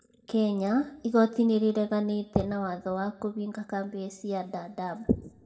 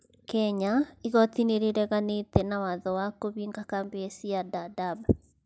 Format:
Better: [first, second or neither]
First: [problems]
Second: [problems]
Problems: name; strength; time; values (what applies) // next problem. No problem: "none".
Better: second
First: room echo; dies away in 0.7 s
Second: none